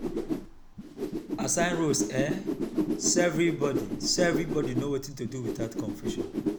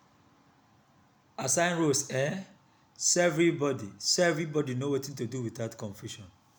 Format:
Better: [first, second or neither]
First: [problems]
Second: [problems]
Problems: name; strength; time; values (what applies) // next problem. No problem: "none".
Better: second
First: background sound (Whoosh, swoosh, swish); 1 dB below the speech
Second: none